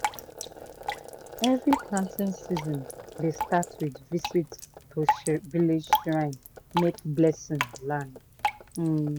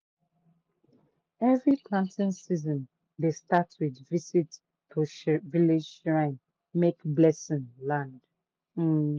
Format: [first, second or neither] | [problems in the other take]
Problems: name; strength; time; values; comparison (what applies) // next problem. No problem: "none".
second | background sound (Drip); 5 dB below the speech